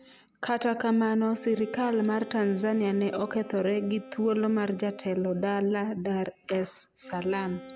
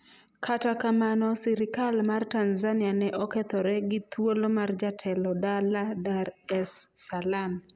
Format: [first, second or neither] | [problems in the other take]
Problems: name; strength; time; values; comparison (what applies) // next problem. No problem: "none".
second | background sound (Wind instrument, woodwind instrument); 20 dB below the speech